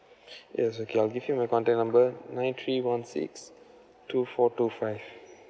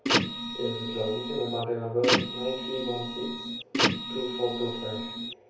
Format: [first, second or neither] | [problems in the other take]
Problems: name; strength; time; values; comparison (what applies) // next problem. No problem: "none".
first | background sound (Printer); 2 dB above the speech // room echo; dies away in 0.6 s